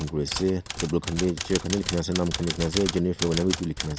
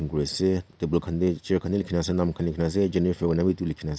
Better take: second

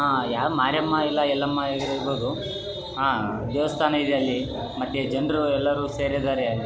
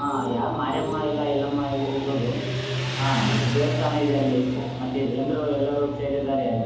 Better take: first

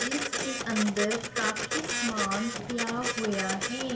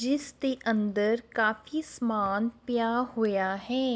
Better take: second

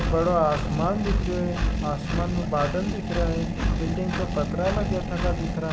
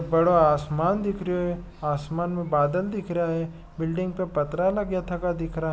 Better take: second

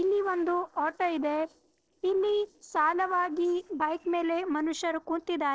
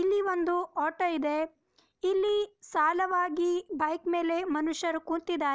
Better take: second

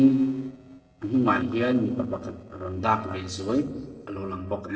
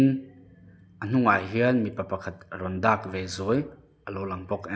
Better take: second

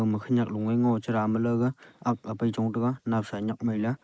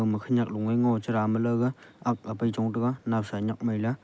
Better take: second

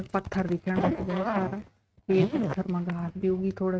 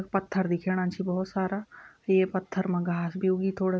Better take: second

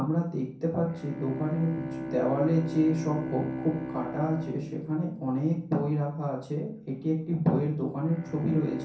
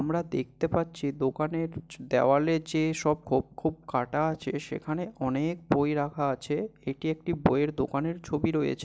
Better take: second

